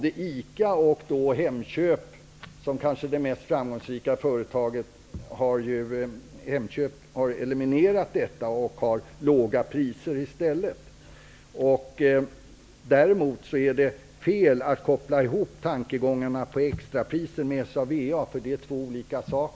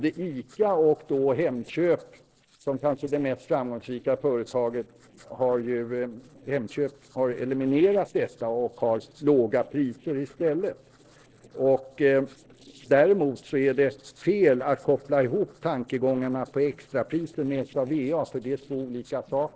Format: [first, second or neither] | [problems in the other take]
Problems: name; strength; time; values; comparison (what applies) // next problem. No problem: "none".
first | noise reduction (neural separator model SepFormer DNS4)